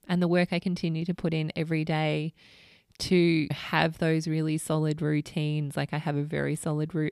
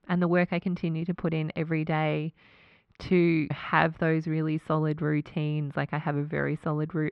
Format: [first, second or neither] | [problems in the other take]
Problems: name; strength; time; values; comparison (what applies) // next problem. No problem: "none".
first | muffled; very; fading above 2 kHz